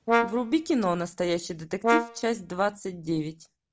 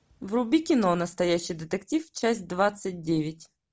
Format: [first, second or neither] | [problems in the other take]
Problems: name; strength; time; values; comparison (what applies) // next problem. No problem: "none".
second | background sound (Brass instrument); 2 dB below the speech